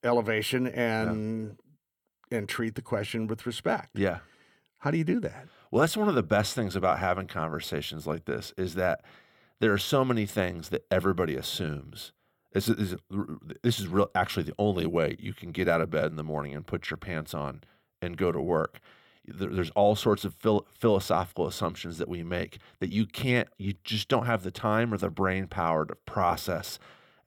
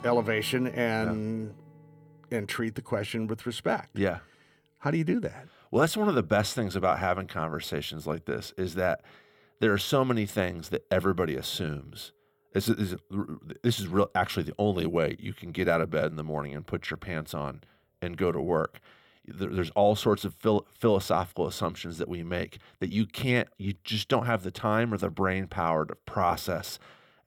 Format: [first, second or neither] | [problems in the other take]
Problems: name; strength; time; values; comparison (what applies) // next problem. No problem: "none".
first | background music; faint; throughout; 25 dB below the speech